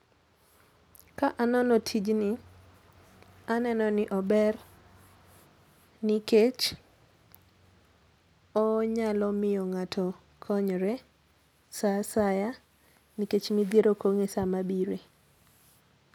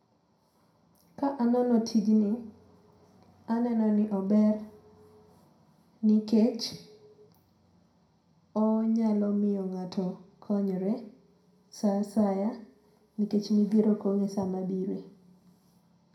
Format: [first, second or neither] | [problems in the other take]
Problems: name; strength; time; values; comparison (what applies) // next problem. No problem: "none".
first | room echo; dies away in 0.5 s